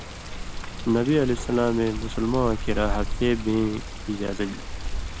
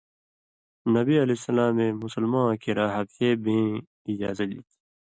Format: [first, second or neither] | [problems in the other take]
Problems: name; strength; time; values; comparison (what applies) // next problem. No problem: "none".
second | background sound (Water); 5 dB below the speech